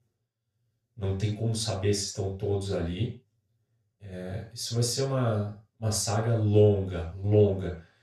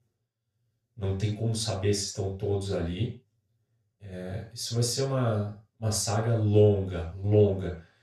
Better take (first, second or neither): neither